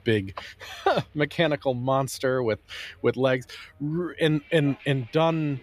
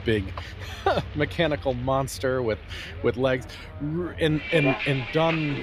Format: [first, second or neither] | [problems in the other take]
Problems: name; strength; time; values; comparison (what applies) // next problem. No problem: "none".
first | traffic noise; loud; throughout; 8 dB below the speech; faint in the first